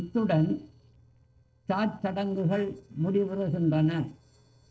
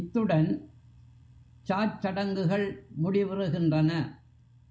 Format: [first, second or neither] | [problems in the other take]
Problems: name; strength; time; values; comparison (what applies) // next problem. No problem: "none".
second | noise reduction (neural separator model SepFormer DNS4)